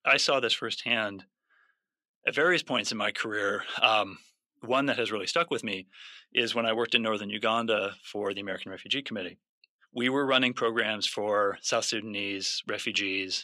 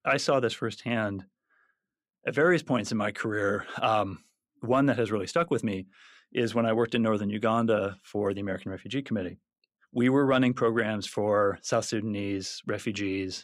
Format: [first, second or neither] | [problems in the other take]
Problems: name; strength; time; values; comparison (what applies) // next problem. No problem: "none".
second | thin; very slightly; fading below 450 Hz